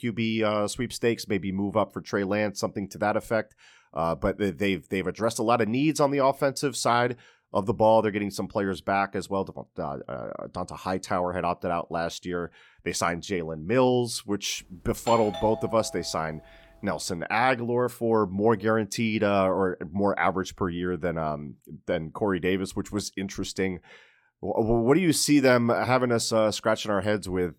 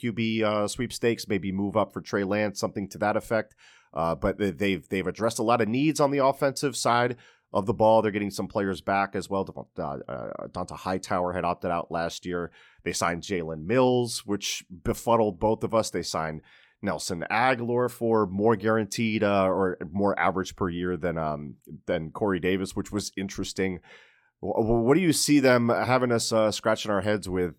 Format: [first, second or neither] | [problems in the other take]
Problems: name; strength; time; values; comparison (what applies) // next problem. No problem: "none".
second | doorbell; noticeable; from 15 to 16 s; peak 7 dB below the speech